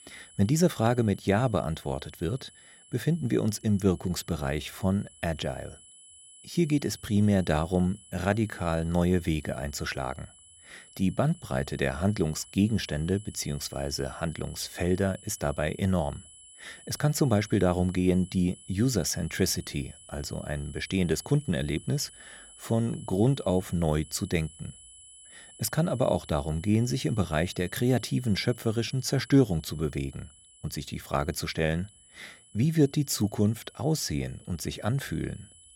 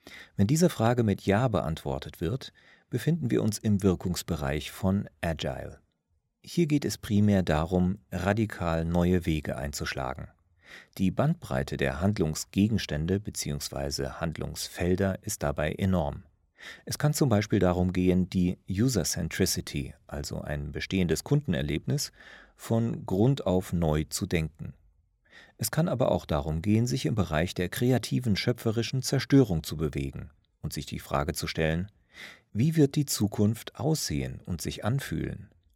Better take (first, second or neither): second